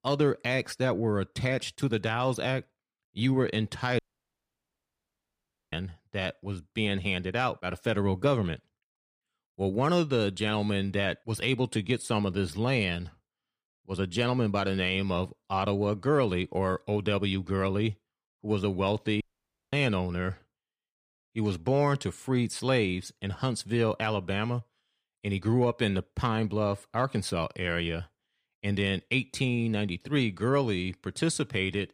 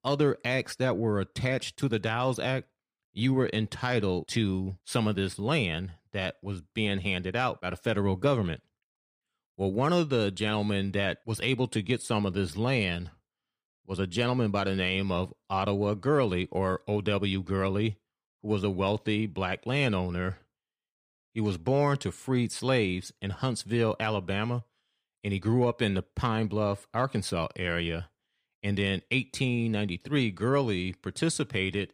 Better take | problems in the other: second | audio cutting out; at 4 s for 1.5 s and at 19 s for 0.5 s

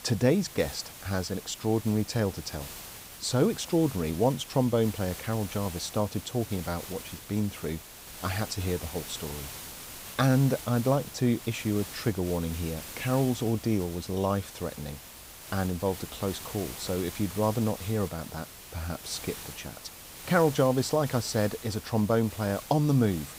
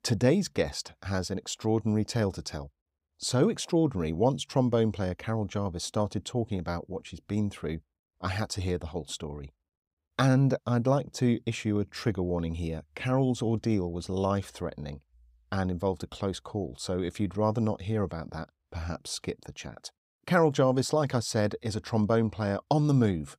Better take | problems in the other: second | hiss; noticeable; throughout; 10 dB below the speech

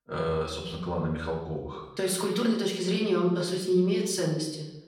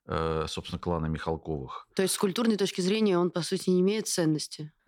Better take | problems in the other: second | off-mic speech; far // room echo; slight; dies away in 0.8 s

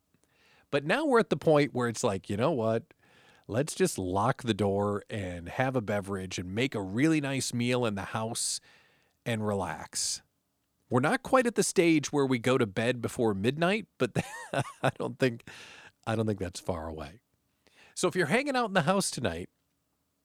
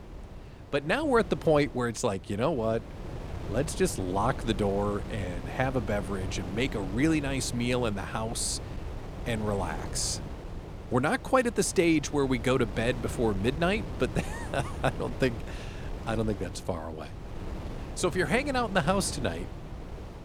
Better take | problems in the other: first | wind noise on the microphone; occasional gusts; 15 dB below the speech

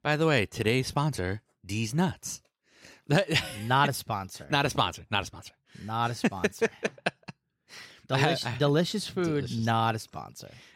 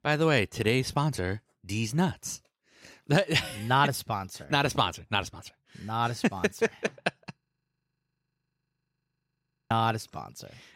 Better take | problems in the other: first | audio freezing; at 7.5 s for 2.5 s

